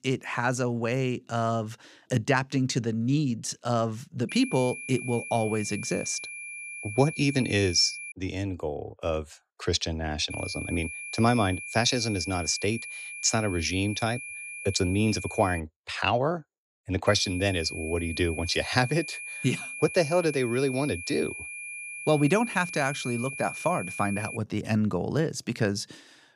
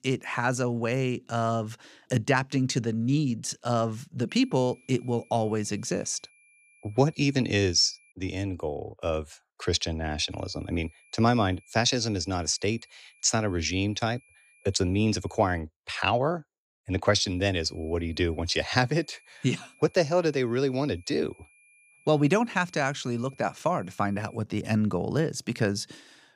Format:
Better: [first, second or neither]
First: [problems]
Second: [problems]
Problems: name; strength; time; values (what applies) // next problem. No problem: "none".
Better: second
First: high-pitched whine; loud; from 4.5 to 8 s, from 10 to 16 s and from 17 to 24 s; 2.5 kHz, 9 dB below the speech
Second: high-pitched whine; faint; from 4.5 to 8 s, from 10 to 16 s and from 17 to 24 s; 2.5 kHz, 30 dB below the speech